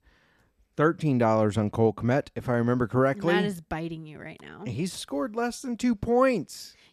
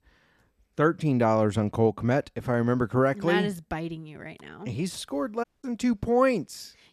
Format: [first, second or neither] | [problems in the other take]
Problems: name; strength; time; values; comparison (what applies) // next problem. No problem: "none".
first | audio cutting out; at 5.5 s